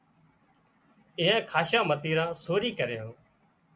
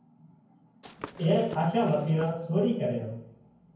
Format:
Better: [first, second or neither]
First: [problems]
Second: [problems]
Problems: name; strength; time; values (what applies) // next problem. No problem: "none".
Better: first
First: none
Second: background sound (Walk, footsteps / Run); 16 dB below the speech // room echo; dies away in 0.9 s